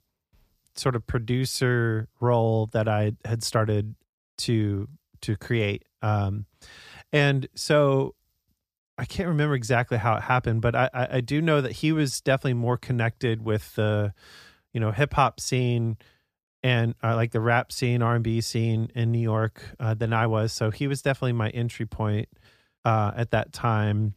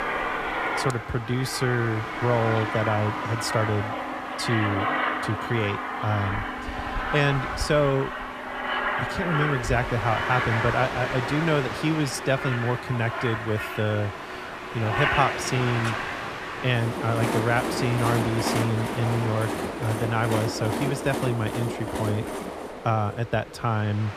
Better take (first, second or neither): first